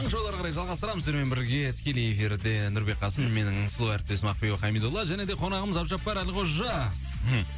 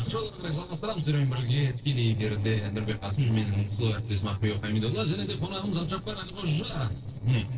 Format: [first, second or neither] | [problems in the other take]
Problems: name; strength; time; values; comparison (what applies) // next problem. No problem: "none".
first | noise reduction (neural separator model SepFormer DNS4)